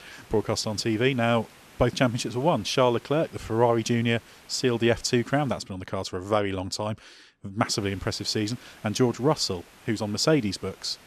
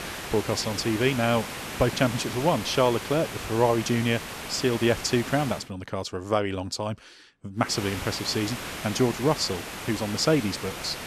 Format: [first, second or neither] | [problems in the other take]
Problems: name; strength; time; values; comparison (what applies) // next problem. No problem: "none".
first | hiss; loud; until 5.5 s and from 7.5 s on; 8 dB below the speech; faint in the first